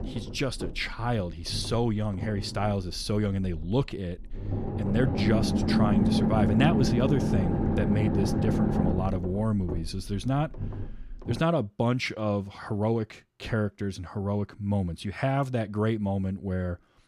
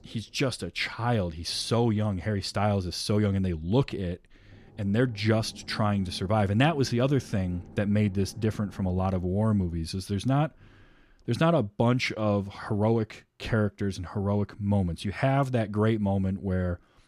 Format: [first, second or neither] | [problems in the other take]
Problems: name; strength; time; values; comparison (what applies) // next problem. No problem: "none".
second | low rumble; loud; until 11 s; 1 dB below the speech; faint in the second